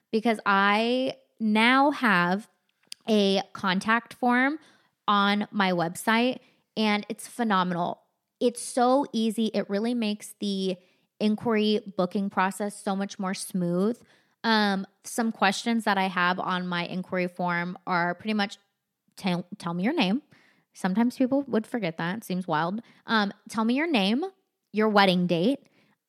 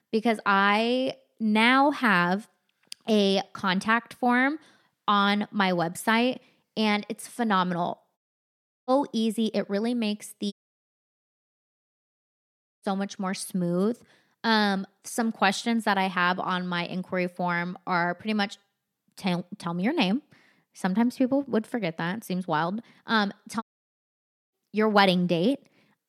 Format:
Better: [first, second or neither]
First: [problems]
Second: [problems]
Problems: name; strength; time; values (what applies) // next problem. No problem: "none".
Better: first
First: none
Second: audio cutting out; at 8 s for 0.5 s, at 11 s for 2.5 s and at 24 s for 1 s